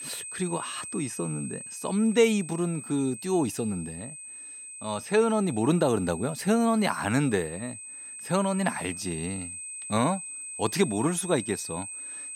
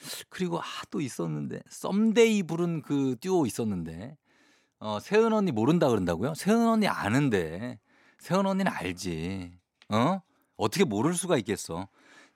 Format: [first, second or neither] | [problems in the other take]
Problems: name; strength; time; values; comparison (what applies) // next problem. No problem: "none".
second | high-pitched whine; loud; throughout; 8.5 kHz, 10 dB below the speech